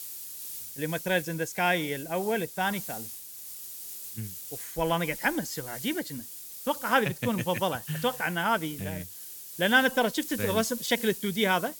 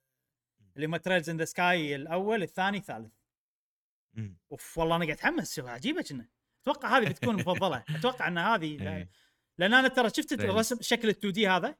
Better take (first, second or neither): second